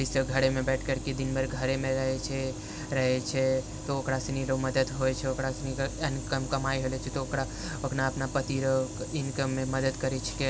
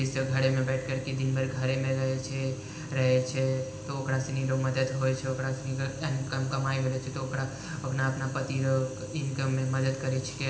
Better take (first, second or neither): first